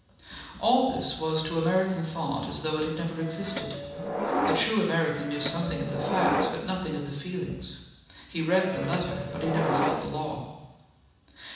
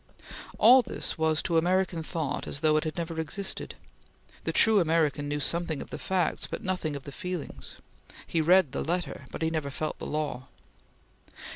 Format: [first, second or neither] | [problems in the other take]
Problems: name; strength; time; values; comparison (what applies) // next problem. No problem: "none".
second | background sound (Subway, metro, underground); 1 dB below the speech // room echo; dies away in 1.1 s